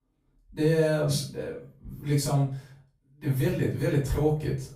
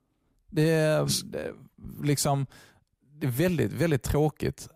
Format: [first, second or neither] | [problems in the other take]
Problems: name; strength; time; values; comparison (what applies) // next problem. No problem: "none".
second | off-mic speech; far // room echo; slight; dies away in 0.3 s